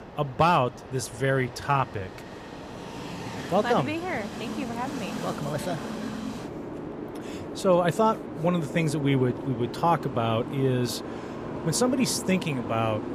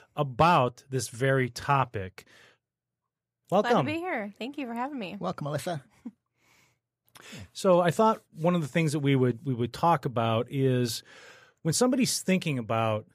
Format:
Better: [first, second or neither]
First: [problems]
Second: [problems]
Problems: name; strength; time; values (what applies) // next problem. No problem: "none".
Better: second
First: train or aircraft noise; loud; throughout; 9 dB below the speech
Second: none